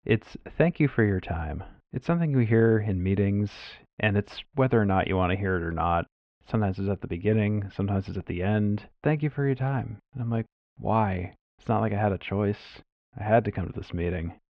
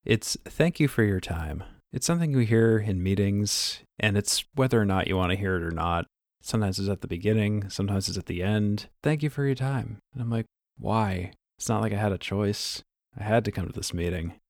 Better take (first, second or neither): second